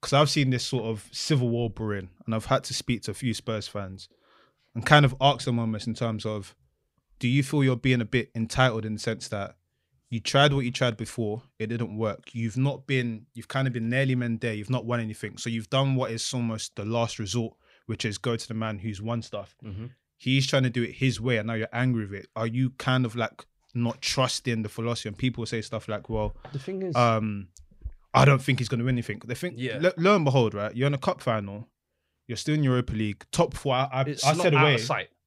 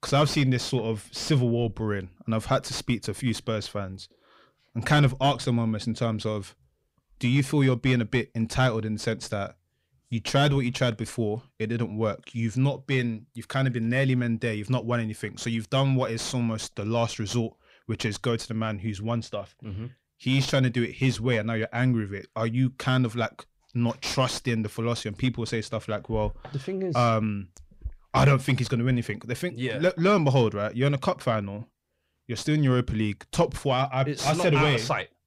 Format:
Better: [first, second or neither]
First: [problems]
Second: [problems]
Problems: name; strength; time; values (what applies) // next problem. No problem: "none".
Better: first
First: none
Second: distortion; slight; 10 dB below the speech